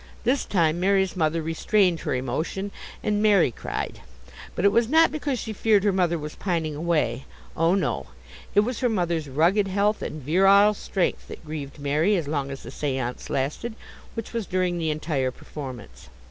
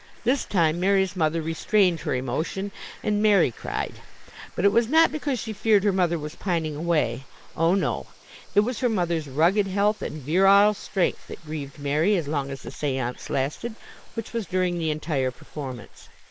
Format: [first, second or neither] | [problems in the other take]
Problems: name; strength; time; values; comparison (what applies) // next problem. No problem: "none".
first | noise reduction (neural mask model Resemble Enhance denoiser)